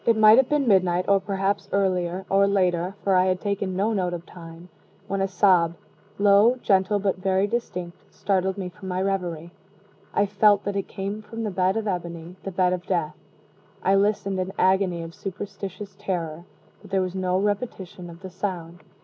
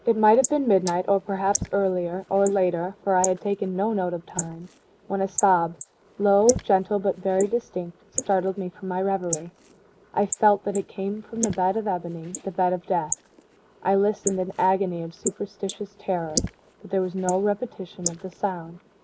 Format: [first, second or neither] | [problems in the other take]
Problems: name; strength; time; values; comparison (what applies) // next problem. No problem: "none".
first | noise reduction (neural mask model Resemble Enhance denoiser)